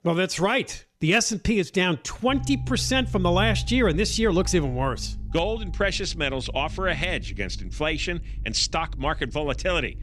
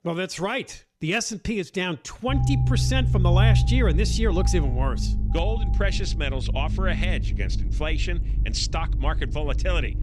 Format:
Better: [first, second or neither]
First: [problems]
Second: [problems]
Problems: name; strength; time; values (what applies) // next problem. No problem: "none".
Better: first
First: low rumble; faint; from 2.5 s on; 25 dB below the speech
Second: low rumble; loud; from 2.5 s on; 10 dB below the speech